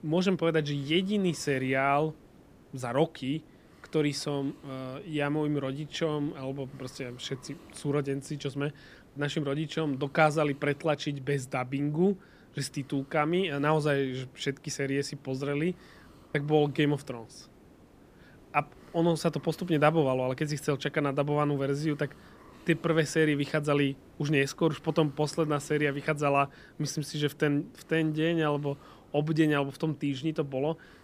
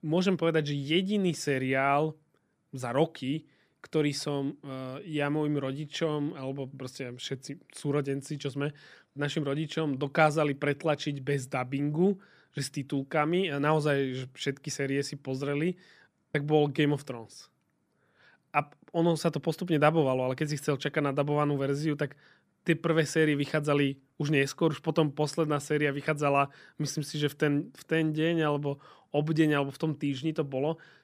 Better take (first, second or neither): second